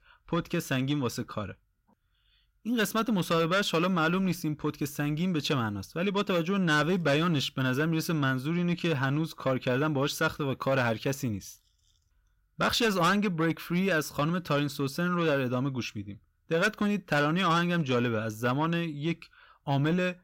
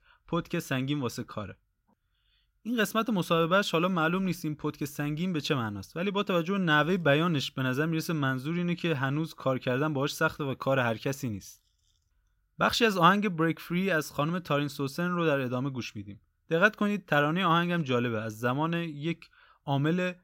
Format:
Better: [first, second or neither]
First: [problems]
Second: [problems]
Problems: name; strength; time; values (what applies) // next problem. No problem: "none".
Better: second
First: distortion; slight; 10 dB below the speech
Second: none